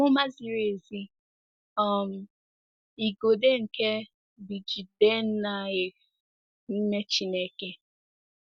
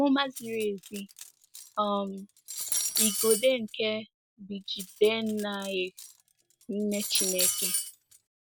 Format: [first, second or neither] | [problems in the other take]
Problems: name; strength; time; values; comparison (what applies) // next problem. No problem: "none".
first | background sound (Cutlery, silverware); 3 dB below the speech